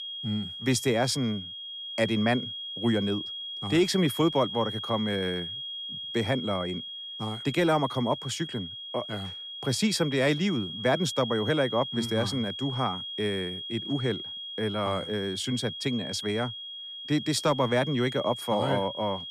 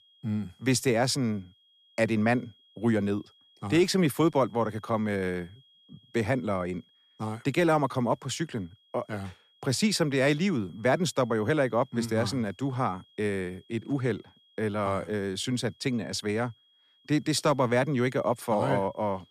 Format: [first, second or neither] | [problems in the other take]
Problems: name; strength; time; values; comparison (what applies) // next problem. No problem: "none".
second | high-pitched whine; loud; throughout; 3.5 kHz, 7 dB below the speech; faint in the second